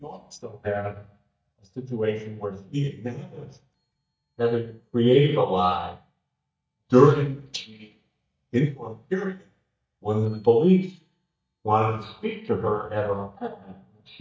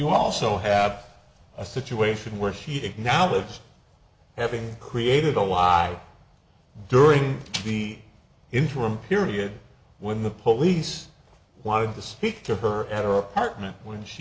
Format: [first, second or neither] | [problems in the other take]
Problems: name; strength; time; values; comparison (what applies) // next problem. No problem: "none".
second | noise reduction (neural mask model DeepFilterNet 3)